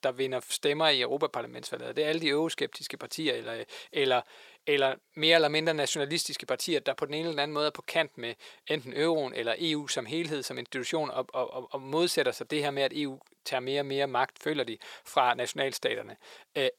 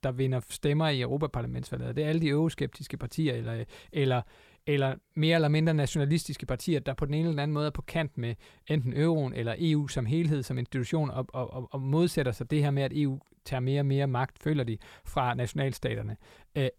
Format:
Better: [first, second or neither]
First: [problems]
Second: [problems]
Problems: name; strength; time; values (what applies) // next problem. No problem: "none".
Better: second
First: thin; very; fading below 500 Hz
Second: none